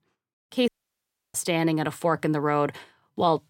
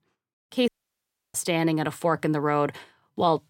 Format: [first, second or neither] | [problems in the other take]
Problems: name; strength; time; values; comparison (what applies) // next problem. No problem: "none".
neither | audio cutting out; at 0.5 s for 0.5 s; the same in both